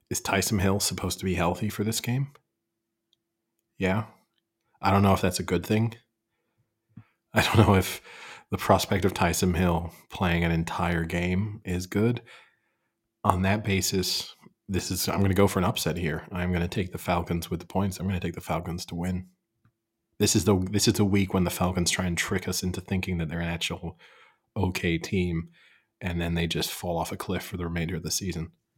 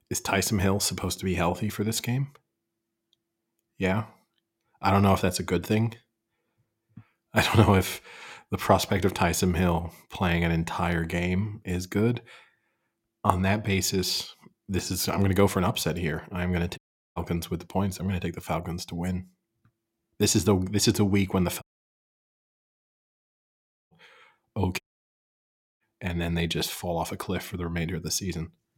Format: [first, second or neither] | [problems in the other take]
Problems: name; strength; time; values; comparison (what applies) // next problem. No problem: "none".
first | audio cutting out; at 17 s, at 22 s for 2.5 s and at 25 s for 1 s